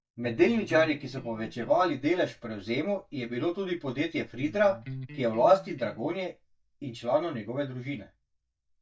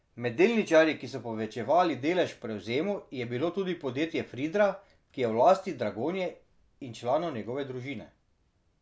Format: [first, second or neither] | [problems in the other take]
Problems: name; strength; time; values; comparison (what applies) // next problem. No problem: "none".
second | noise reduction (neural mask model DeepFilterNet 3)